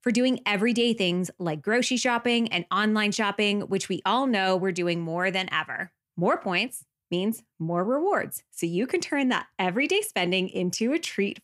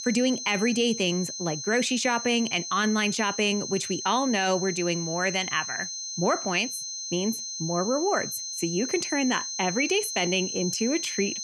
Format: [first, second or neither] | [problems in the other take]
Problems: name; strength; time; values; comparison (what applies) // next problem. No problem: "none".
first | high-pitched whine; loud; throughout; 6 kHz, 5 dB below the speech